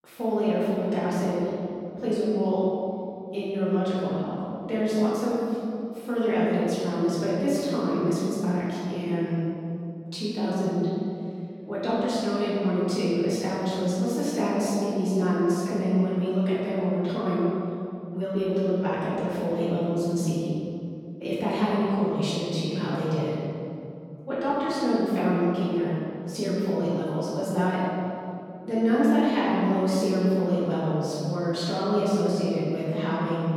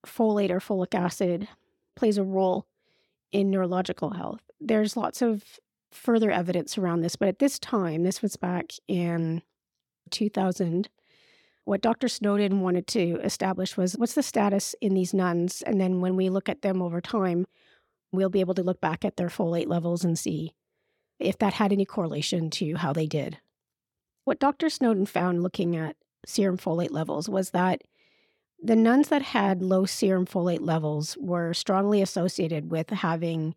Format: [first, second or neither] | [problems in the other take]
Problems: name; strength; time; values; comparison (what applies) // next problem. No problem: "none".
second | room echo; strong; dies away in 2.4 s // off-mic speech; far